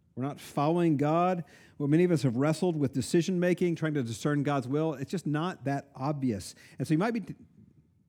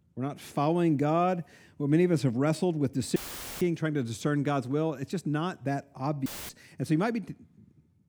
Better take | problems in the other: first | audio cutting out; filled with static; at 3 s and at 6.5 s

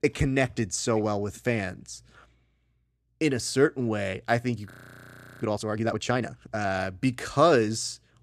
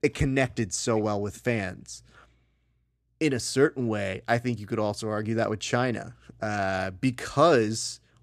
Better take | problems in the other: second | audio freezing; at 4.5 s for 0.5 s

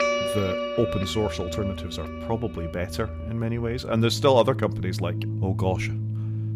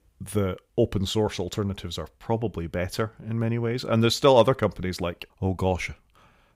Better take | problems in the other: second | background music; loud; throughout; 4 dB below the speech

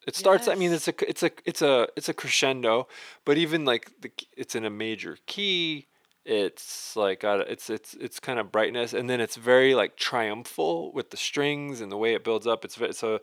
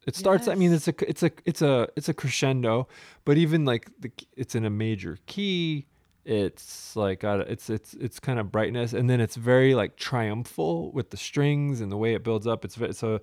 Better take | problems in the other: second | thin; somewhat; fading below 400 Hz

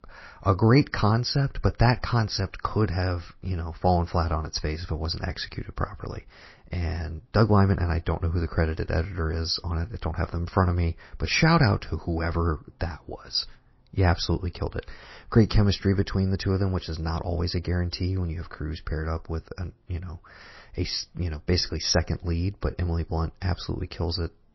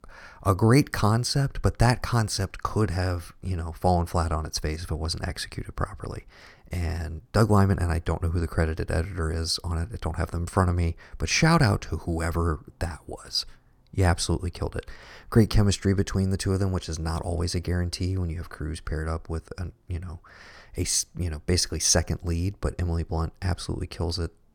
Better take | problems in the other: second | garbled, watery; slightly; nothing above 6 kHz

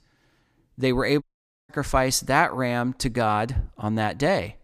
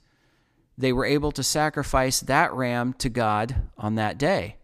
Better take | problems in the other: second | audio cutting out; at 1 s

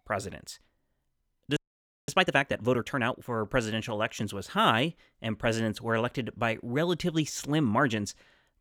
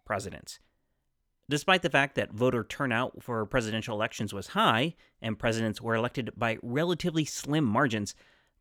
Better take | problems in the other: second | audio freezing; at 1.5 s for 0.5 s

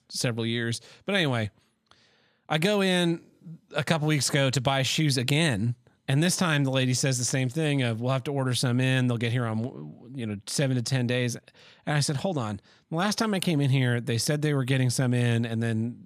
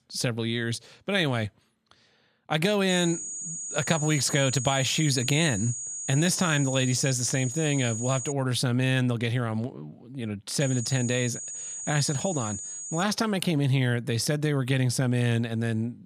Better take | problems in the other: first | high-pitched whine; loud; from 3 to 8.5 s and from 11 to 13 s; 6.5 kHz, 7 dB below the speech

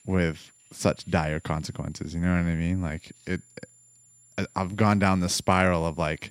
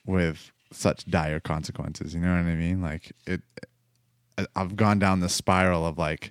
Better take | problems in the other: second | high-pitched whine; faint; throughout; 7 kHz, 30 dB below the speech

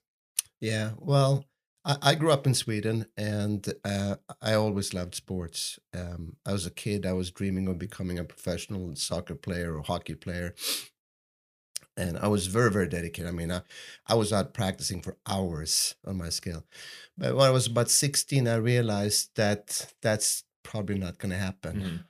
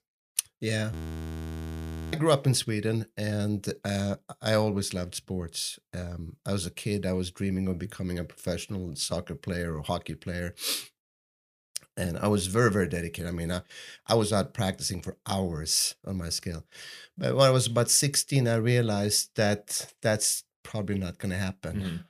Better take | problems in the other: first | audio freezing; at 1 s for 1 s

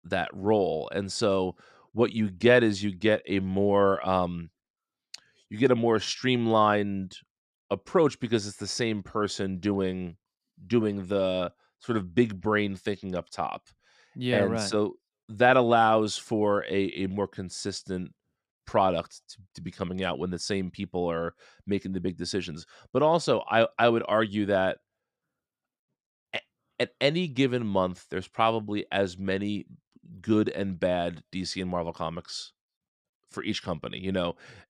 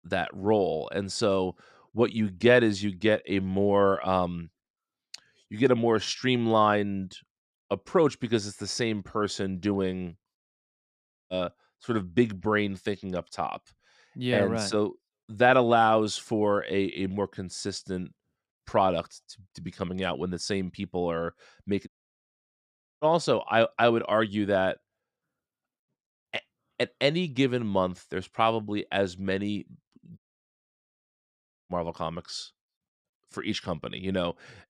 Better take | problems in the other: first | audio cutting out; at 10 s for 1 s, at 22 s for 1 s and at 30 s for 1.5 s

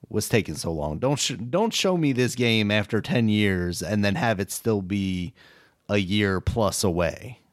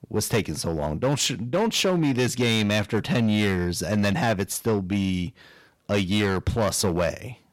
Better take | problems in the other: first | distortion; slight; 9% of the sound clipped

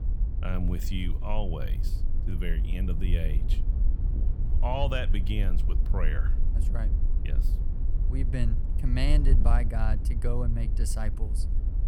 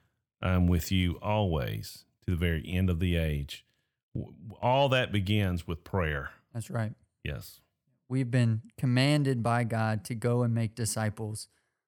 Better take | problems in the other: second | wind noise on the microphone; occasional gusts; 10 dB below the speech

